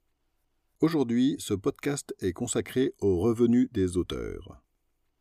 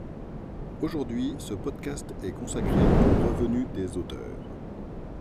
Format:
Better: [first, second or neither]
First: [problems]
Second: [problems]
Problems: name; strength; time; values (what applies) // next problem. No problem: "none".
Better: first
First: none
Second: wind noise on the microphone; heavy; 1 dB above the speech